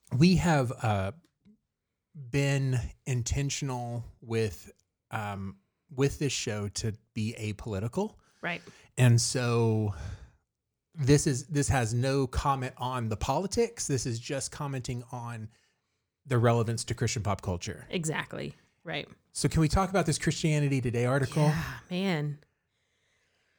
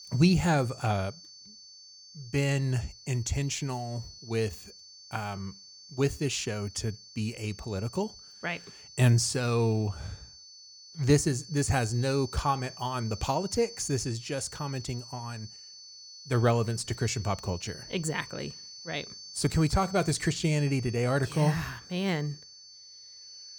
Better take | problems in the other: first | high-pitched whine; noticeable; throughout; 4.5 kHz, 15 dB below the speech

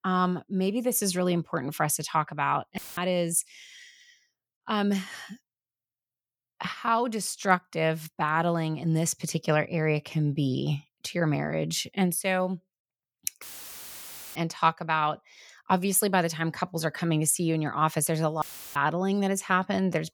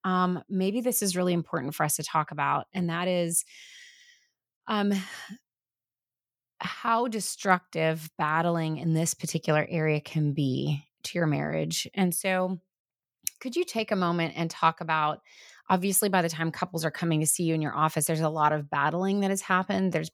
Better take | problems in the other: second | audio cutting out; filled with static; at 3 s, at 13 s for 1 s and at 18 s

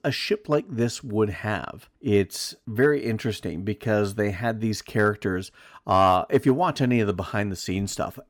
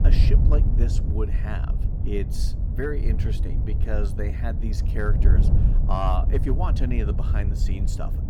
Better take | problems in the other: first | wind noise on the microphone; heavy; 6 dB below the speech

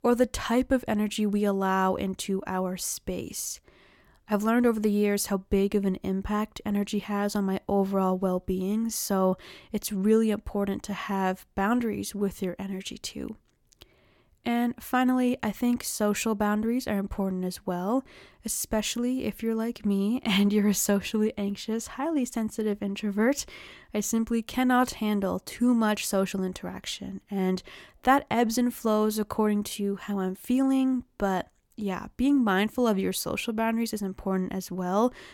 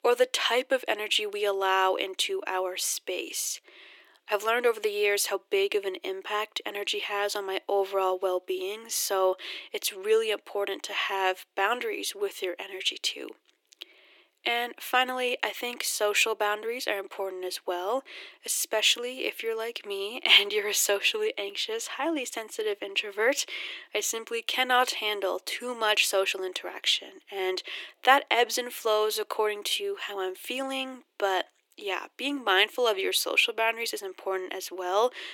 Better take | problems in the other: first | thin; very; fading below 300 Hz

